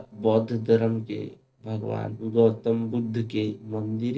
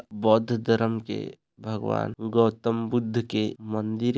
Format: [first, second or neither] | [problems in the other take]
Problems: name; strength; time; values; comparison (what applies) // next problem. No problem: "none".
second | noise reduction (neural separator model SepFormer DNS4)